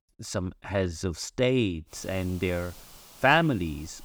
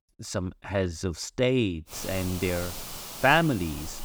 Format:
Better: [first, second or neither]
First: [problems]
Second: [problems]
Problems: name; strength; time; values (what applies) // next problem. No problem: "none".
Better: first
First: hiss; faint; from 2 s on; 20 dB below the speech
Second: hiss; loud; from 2 s on; 10 dB below the speech